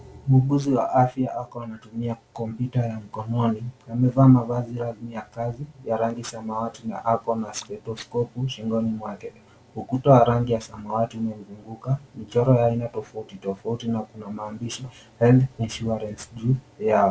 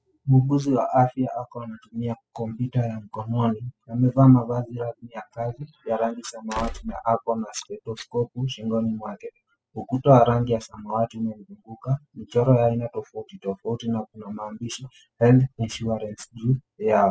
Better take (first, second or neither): first